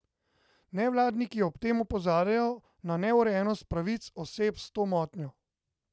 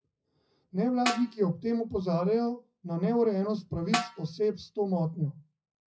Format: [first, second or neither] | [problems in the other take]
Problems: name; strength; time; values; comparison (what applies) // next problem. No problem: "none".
first | noise reduction (classical method WPE with log-MMSE)